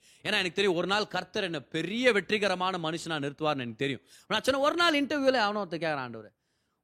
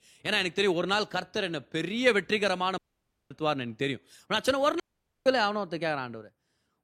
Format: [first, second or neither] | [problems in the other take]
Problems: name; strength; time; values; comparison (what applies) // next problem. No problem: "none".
first | audio cutting out; at 3 s for 0.5 s and at 5 s